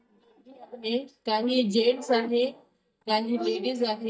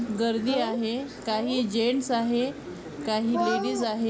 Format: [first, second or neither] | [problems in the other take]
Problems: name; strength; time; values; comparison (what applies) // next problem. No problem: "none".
second | noise reduction (neural mask model DeepFilterNet 3)